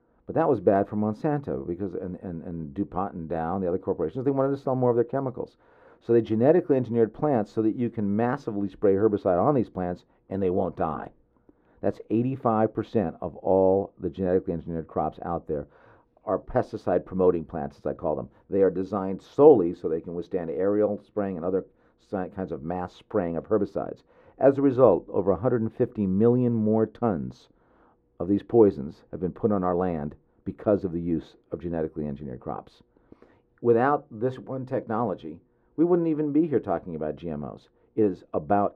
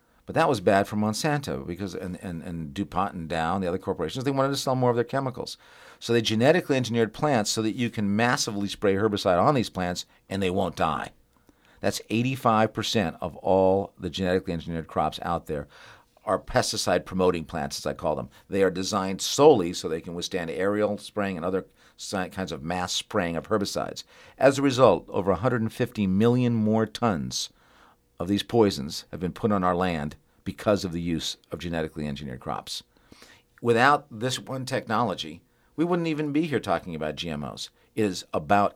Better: second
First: muffled; very; fading above 2.5 kHz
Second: none

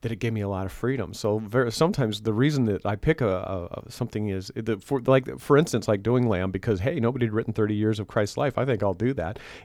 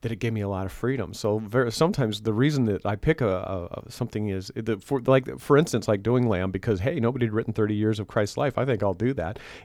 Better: neither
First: none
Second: none

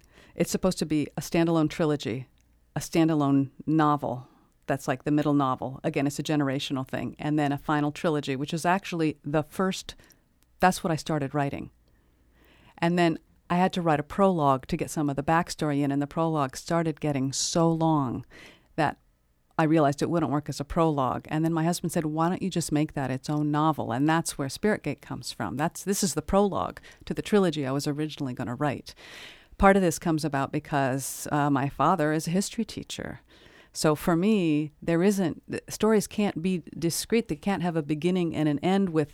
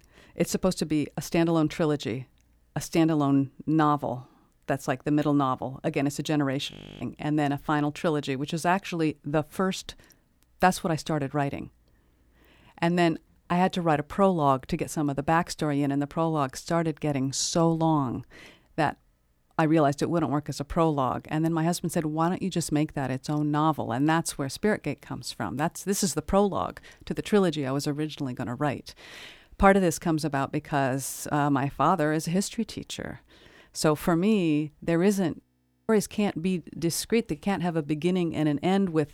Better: first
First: none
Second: audio freezing; at 6.5 s and at 35 s

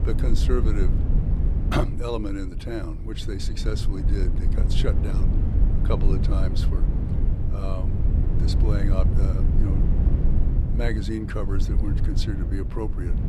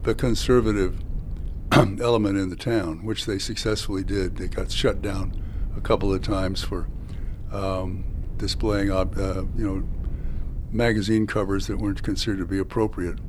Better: second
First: low rumble; loud; throughout; 4 dB below the speech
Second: low rumble; faint; throughout; 25 dB below the speech

